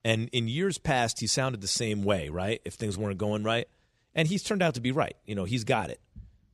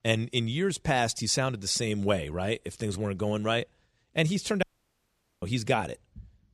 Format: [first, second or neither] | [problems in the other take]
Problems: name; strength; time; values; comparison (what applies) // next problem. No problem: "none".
first | audio cutting out; at 4.5 s for 1 s